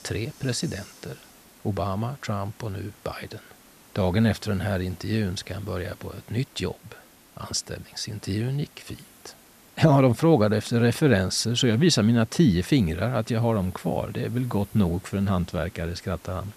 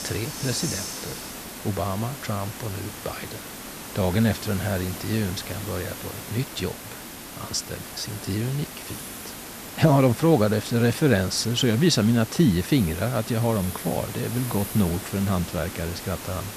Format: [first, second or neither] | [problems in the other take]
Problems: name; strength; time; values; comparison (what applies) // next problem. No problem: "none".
first | hiss; loud; throughout; 10 dB below the speech; faint in the first